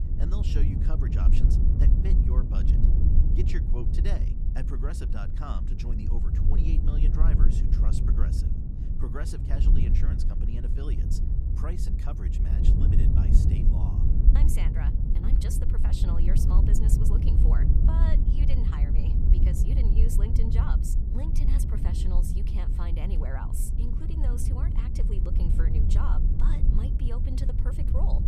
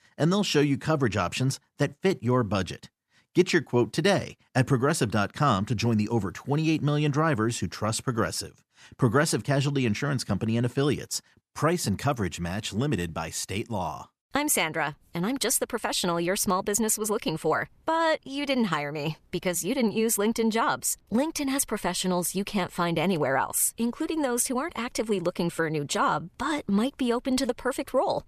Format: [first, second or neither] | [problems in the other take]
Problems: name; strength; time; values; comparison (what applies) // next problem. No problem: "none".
second | wind noise on the microphone; heavy; 1 dB above the speech